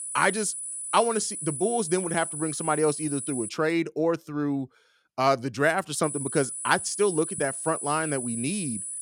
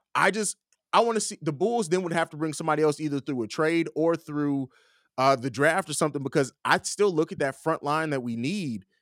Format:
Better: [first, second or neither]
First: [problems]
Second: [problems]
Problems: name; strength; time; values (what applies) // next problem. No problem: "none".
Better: second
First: high-pitched whine; loud; until 3.5 s and from 6 s on; 10 kHz, 5 dB below the speech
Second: none